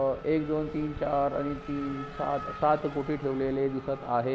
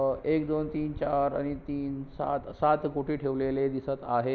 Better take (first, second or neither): second